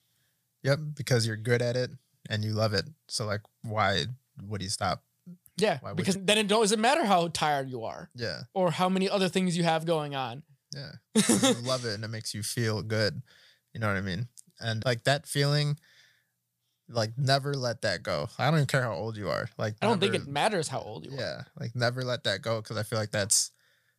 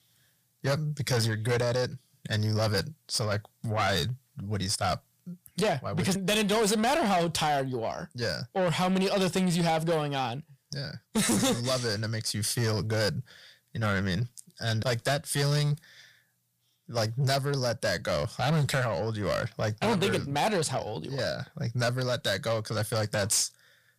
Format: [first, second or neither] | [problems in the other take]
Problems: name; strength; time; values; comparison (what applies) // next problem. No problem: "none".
first | distortion; heavy; 7 dB below the speech